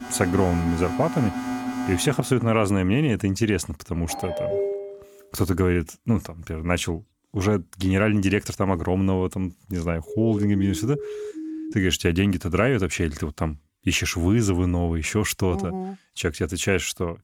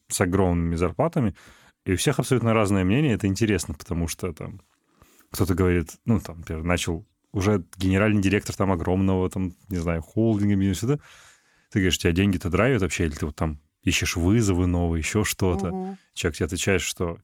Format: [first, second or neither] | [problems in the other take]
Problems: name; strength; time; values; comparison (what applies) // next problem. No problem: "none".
second | alarm; noticeable; until 3 s; peak 4 dB below the speech // phone ringing; noticeable; at 4 s; peak 2 dB below the speech // siren; noticeable; from 10 to 12 s; peak 9 dB below the speech